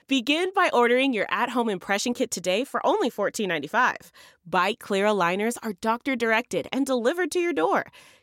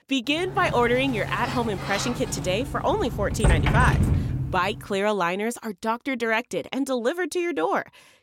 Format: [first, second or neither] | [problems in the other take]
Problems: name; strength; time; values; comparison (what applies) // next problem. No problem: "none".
first | door banging; loud; from 0.5 to 4.5 s; peak 4 dB above the speech